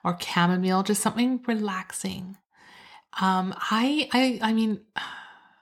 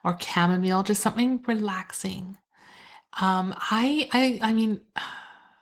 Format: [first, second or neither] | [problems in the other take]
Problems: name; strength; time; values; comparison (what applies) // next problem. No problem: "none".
first | garbled, watery; slightly; nothing above 18.5 kHz